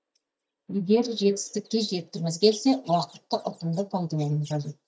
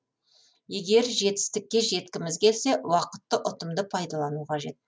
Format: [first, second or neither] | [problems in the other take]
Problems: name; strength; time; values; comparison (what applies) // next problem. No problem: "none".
second | noise reduction (neural mask model DeepFilterNet 3)